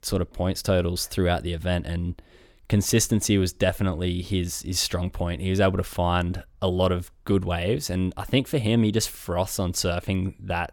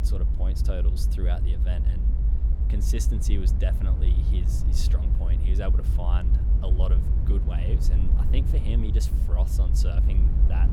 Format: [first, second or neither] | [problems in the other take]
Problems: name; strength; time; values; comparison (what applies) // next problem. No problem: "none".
first | low rumble; loud; throughout; 3 dB below the speech